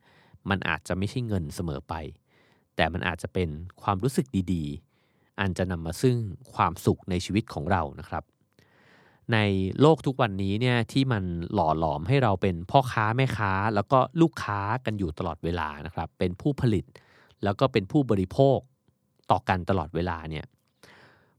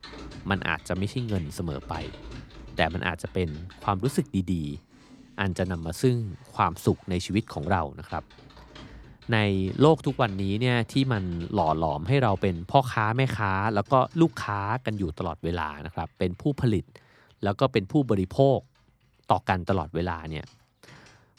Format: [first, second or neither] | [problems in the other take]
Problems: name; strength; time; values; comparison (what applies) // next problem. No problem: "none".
first | household noises; faint; throughout; 20 dB below the speech